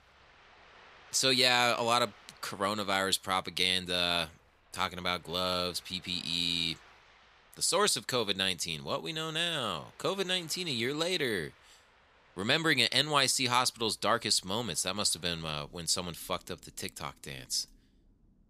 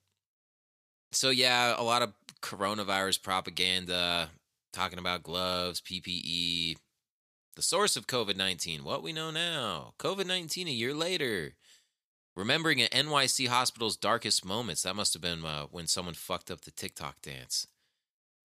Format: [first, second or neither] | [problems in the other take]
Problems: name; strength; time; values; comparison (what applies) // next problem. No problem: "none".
second | rain or running water; faint; throughout; 30 dB below the speech